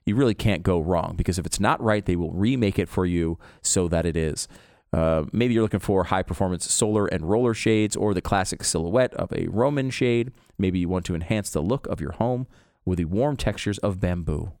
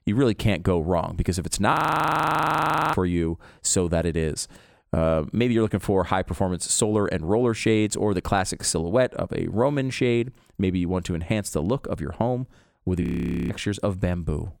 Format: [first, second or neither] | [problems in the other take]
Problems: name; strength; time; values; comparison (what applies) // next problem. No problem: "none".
first | audio freezing; at 1.5 s for 1 s and at 13 s